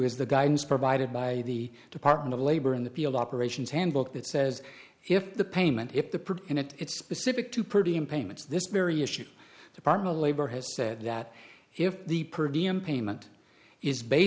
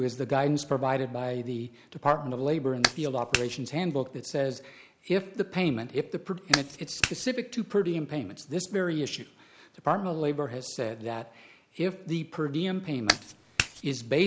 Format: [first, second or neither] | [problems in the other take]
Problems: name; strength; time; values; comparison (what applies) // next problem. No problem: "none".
first | background sound (Clapping); 1 dB above the speech